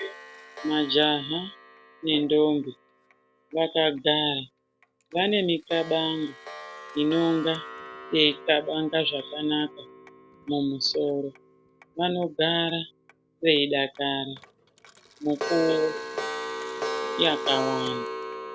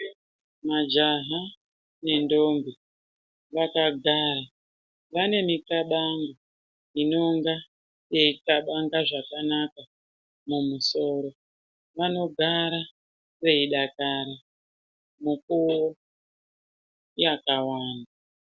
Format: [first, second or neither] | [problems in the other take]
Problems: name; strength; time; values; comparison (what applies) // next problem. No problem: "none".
second | background sound (Clock); 11 dB below the speech